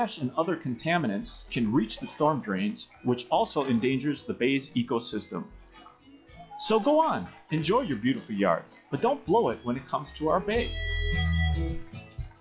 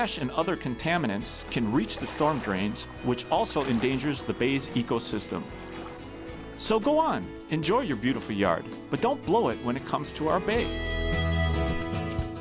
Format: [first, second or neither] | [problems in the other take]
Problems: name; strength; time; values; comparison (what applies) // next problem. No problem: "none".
second | noise reduction (classical method log-MMSE)